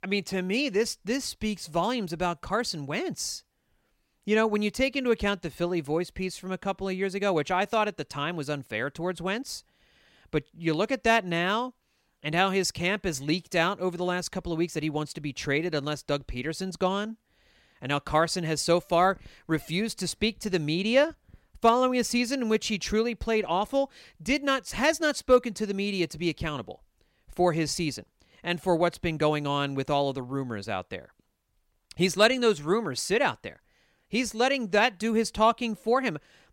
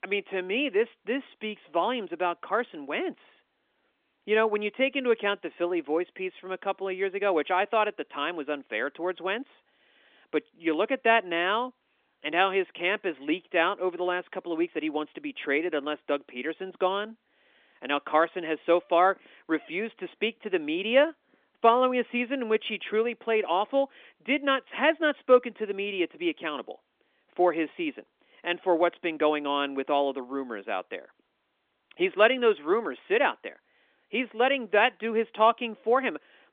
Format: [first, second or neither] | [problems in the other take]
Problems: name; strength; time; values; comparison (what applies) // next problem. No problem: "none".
first | phone-call audio; nothing above 3.5 kHz